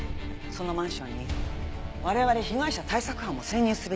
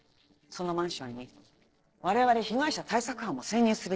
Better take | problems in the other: first | noise reduction (neural separator model SepFormer DNS4)

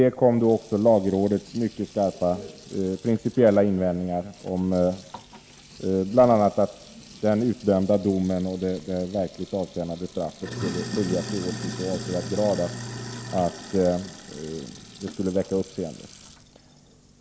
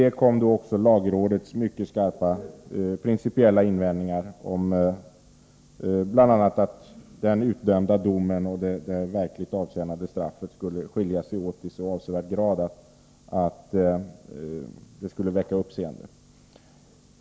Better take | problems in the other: second | background sound (Sink (filling or washing)); 15 dB below the speech

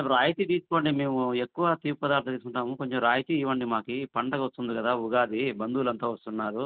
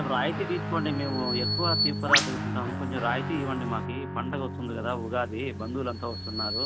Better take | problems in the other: first | background sound (Guitar + Bird vocalization, bird call, bird song); 1 dB above the speech

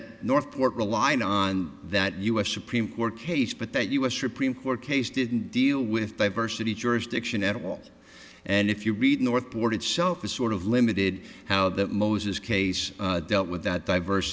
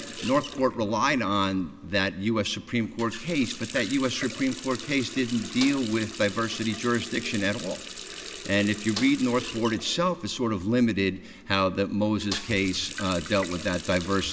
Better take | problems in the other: first | background sound (Snare drum + Water tap, faucet); 13 dB below the speech

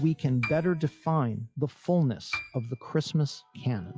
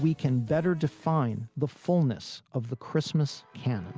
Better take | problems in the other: second | noise reduction (classical method log-MMSE)

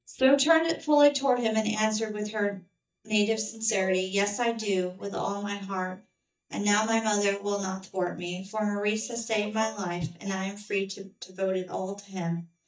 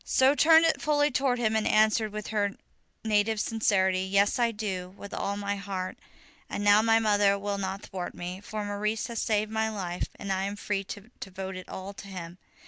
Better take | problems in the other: second | noise reduction (neural mask model DeepFilterNet 3)

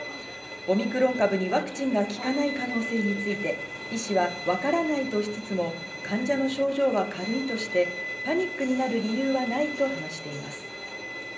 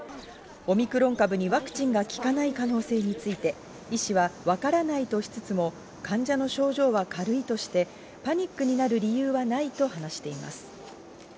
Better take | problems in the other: second | background sound (Bowed string instrument); 9 dB below the speech // room echo; dies away in 0.5 s

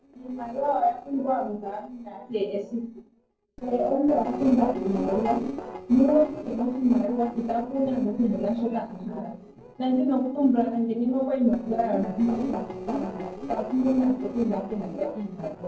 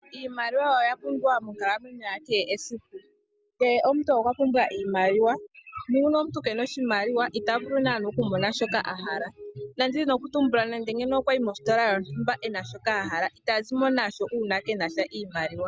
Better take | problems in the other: second | noise reduction (neural separator model SepFormer DNS4)

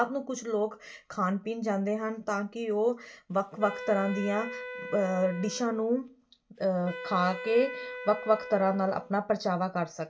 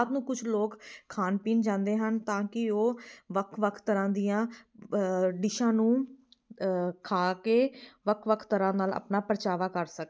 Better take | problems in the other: second | background sound (Wind instrument, woodwind instrument); 12 dB below the speech // room echo; dies away in 0.2 s

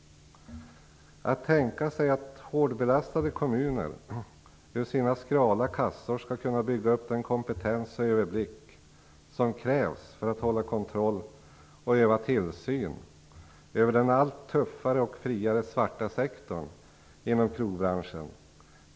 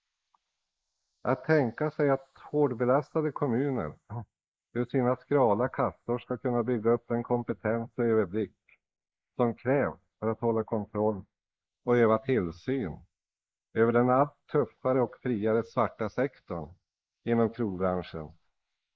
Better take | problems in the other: first | noise reduction (neural mask model Resemble Enhance denoiser)

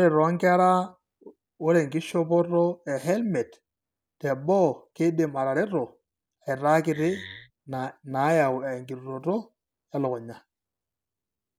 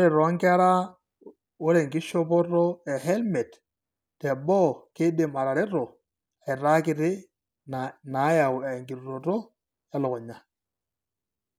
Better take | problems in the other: second | background sound (Wood); 16 dB below the speech

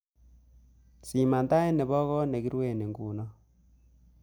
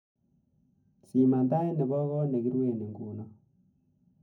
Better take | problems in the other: first | room echo; dies away in 0.3 s

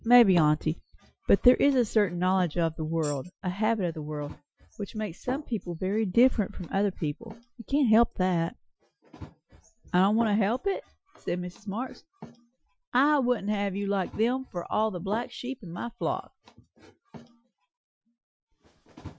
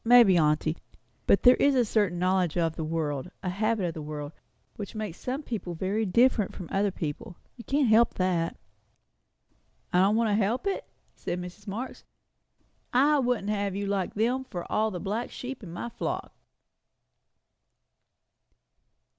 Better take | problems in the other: second | noise reduction (classical method Wiener filter)

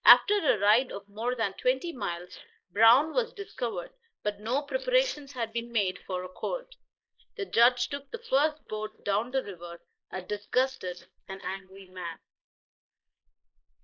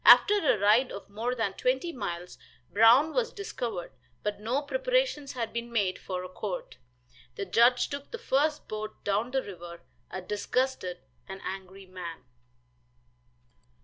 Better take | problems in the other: second | noise reduction (neural mask model Resemble Enhance denoiser)

